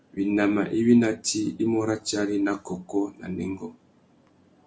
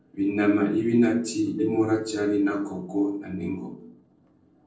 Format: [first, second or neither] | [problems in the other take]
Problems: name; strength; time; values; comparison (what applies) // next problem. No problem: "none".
first | noise reduction (neural separator model SepFormer DNS4)